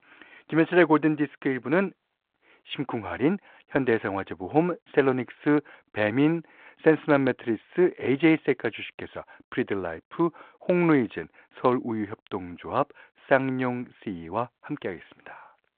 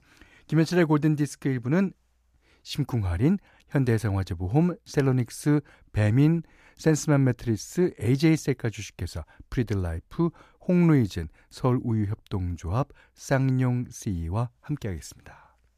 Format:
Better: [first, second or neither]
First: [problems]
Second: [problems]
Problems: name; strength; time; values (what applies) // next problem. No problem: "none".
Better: second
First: phone-call audio; nothing above 3.5 kHz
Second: none